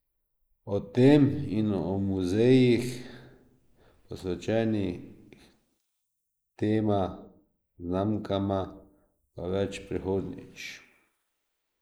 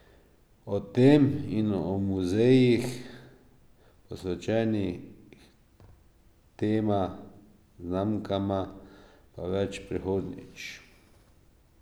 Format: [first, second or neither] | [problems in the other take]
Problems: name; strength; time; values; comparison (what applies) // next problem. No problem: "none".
second | noise reduction (neural mask model Resemble Enhance denoiser)